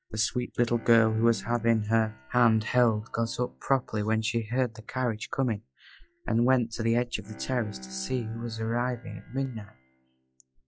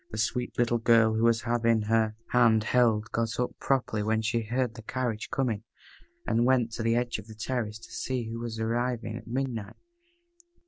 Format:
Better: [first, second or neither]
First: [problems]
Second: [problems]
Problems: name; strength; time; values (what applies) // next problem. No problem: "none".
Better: second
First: noise reduction (classical method log-MMSE)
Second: none